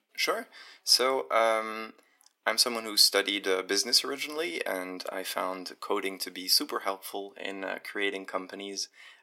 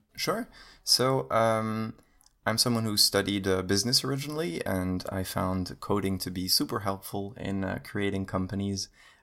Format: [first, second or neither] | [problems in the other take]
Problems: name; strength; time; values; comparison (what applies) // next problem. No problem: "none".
second | thin; somewhat; fading below 300 Hz